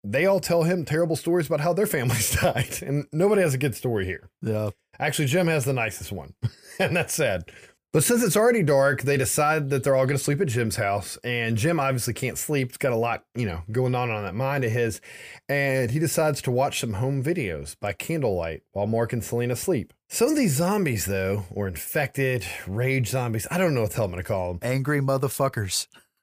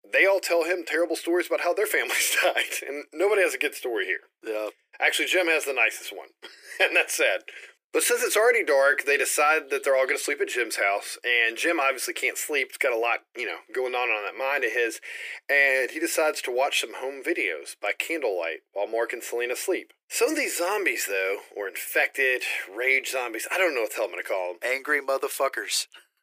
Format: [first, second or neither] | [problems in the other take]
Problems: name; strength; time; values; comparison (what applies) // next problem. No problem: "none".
first | thin; very; fading below 350 Hz